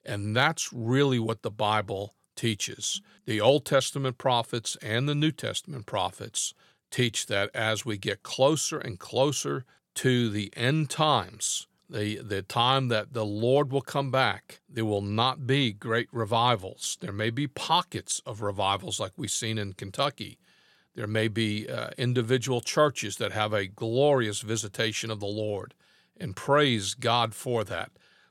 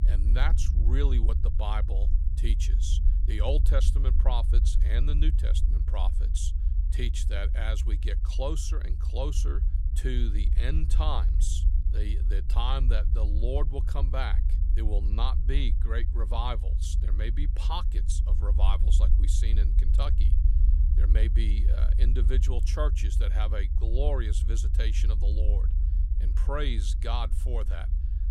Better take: first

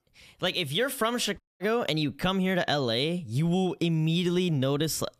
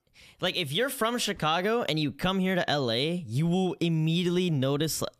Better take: second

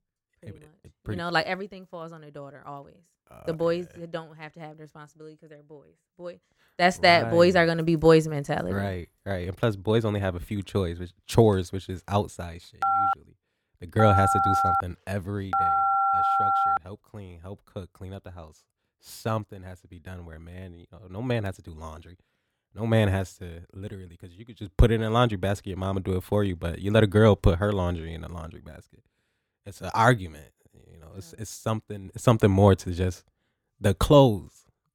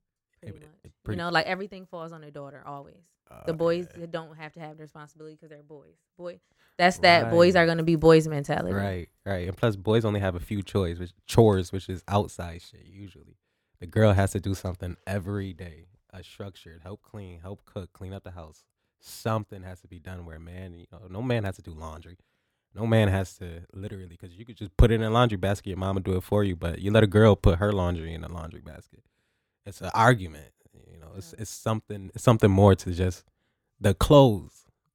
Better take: second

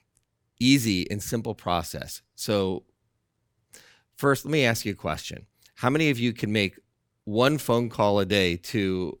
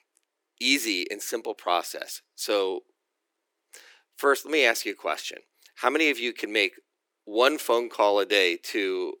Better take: first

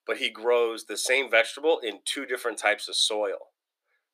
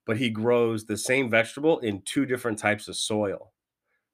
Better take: second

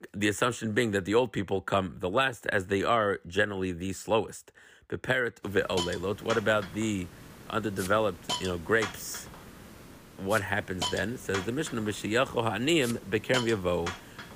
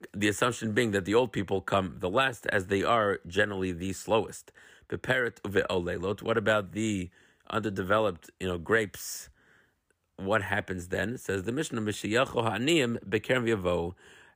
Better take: second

